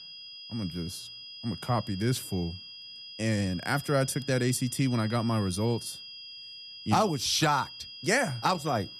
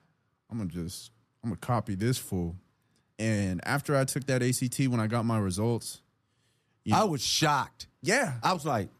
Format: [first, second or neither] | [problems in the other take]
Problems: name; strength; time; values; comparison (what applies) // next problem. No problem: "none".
second | high-pitched whine; noticeable; throughout; 5 kHz, 15 dB below the speech